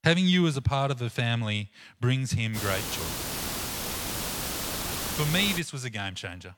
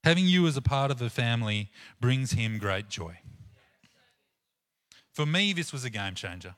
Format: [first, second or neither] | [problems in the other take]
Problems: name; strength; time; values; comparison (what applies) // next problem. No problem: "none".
second | hiss; loud; from 2.5 to 5.5 s; 3 dB below the speech